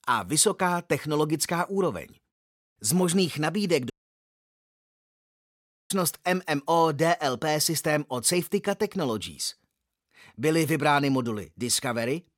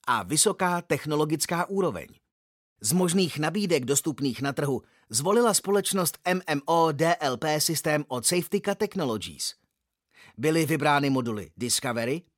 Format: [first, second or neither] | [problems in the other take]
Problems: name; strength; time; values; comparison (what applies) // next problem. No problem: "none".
second | audio cutting out; at 4 s for 2 s